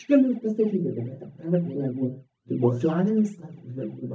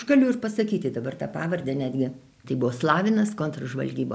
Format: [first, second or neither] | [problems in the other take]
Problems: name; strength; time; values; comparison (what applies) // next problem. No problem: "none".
second | noise reduction (neural mask model DeepFilterNet 3)